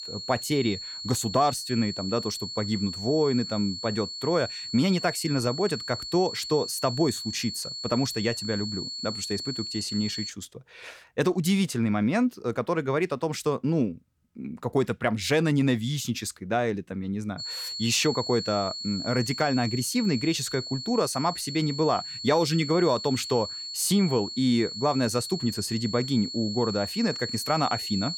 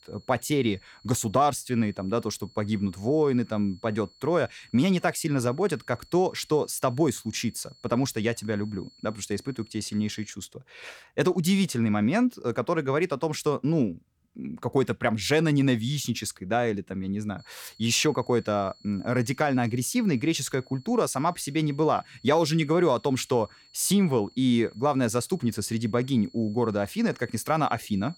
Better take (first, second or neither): second